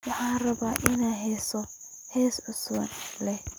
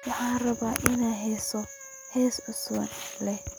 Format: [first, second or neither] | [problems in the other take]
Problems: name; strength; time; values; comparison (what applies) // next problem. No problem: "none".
first | background sound (Wind instrument, woodwind instrument); 20 dB below the speech